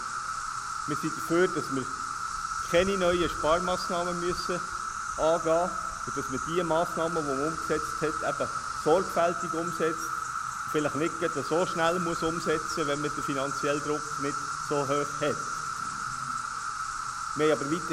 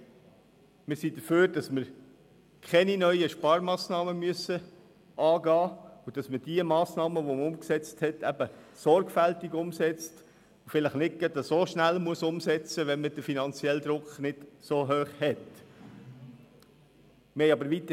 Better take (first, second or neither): second